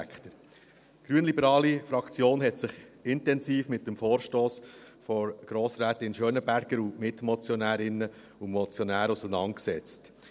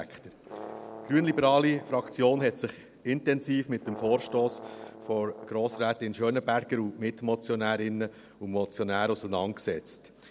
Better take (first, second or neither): first